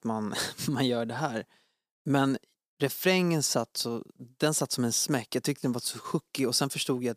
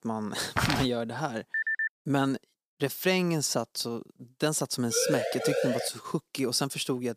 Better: first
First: none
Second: footsteps; loud; at 0.5 s; peak 1 dB above the speech // phone ringing; loud; at 1.5 s; peak 2 dB above the speech // siren; loud; at 5 s; peak 1 dB above the speech

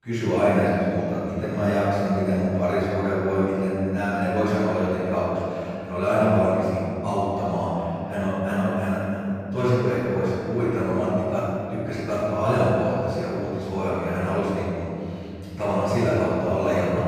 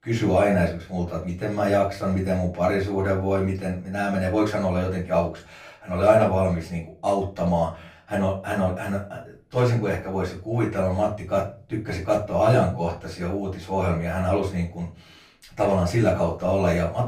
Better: second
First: room echo; strong; dies away in 3 s // off-mic speech; far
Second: room echo; slight; dies away in 0.3 s // off-mic speech; far

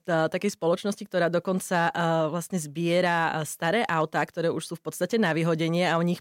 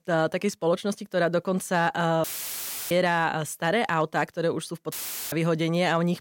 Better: first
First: none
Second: audio cutting out; filled with static; at 2 s for 0.5 s and at 5 s

